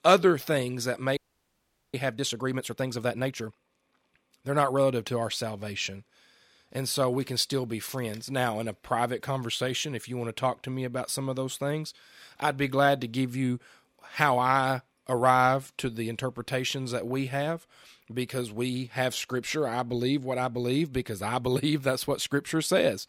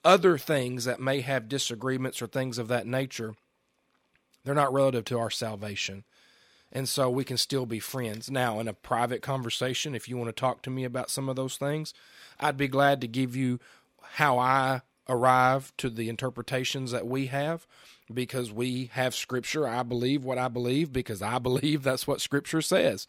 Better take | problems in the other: second | audio freezing; at 1 s for 1 s

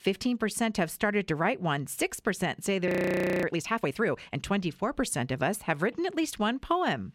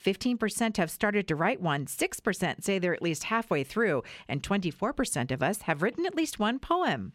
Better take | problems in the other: second | audio freezing; at 3 s for 0.5 s

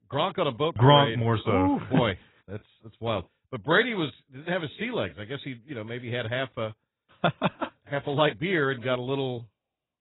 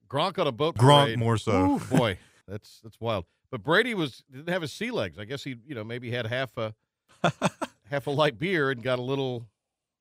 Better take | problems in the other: second | garbled, watery; badly; nothing above 3.5 kHz

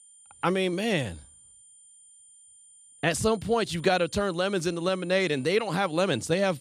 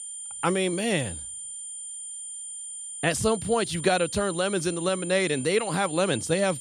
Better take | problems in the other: first | high-pitched whine; loud; throughout; 9 kHz, 8 dB below the speech; faint in the first

